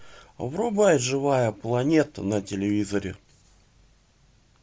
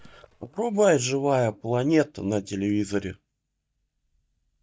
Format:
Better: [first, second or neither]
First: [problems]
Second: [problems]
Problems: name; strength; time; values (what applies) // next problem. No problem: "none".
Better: first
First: none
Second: noise reduction (neural mask model DeepFilterNet 3)